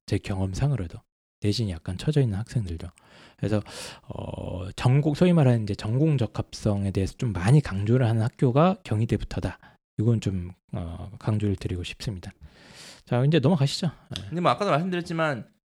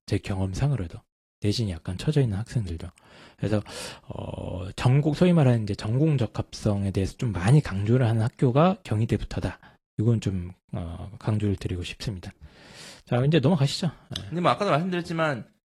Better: first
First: none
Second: garbled, watery; slightly

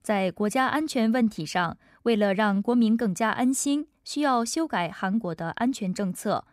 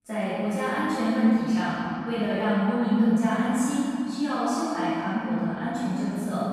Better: first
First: none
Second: off-mic speech; far // room echo; strong; dies away in 2.6 s

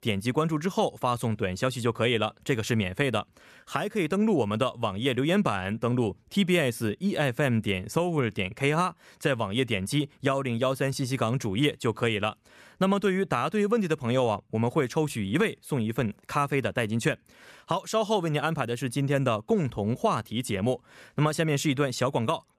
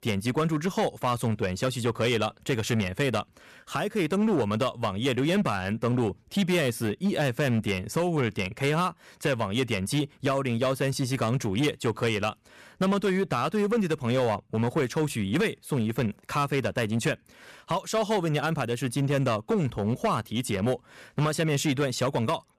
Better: first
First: none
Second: distortion; slight; 8% of the sound clipped

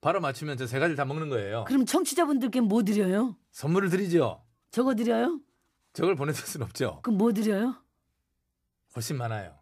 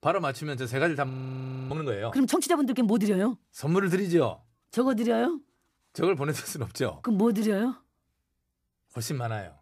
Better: first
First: none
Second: audio freezing; at 1 s for 0.5 s

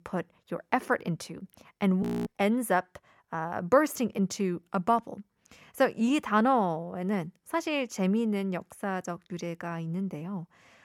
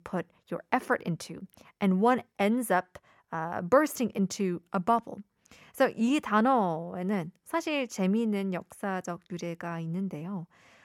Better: second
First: audio freezing; at 2 s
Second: none

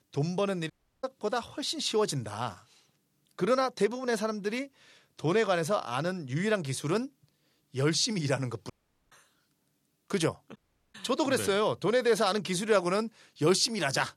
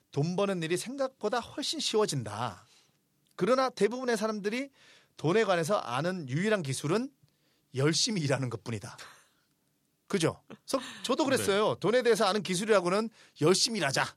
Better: second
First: audio cutting out; at 0.5 s, at 8.5 s and at 11 s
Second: none

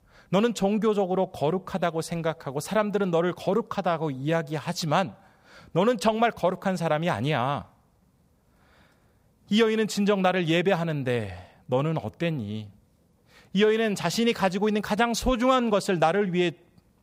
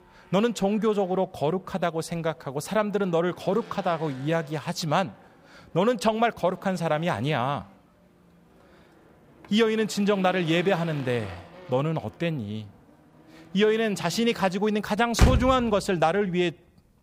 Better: first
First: none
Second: traffic noise; loud; throughout; 7 dB below the speech

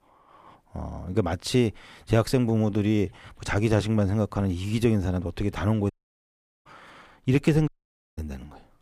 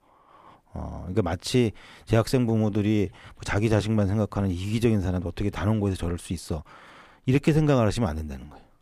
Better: second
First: audio cutting out; at 6 s for 1 s and at 7.5 s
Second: none

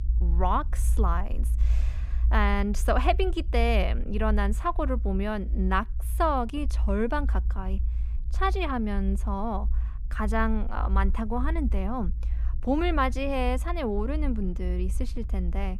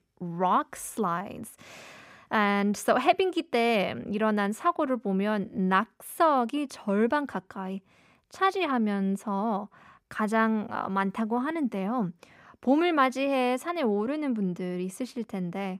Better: second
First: low rumble; faint; throughout; 20 dB below the speech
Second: none

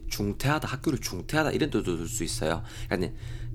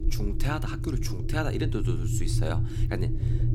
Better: first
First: low rumble; faint; throughout; 25 dB below the speech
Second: low rumble; loud; throughout; 6 dB below the speech

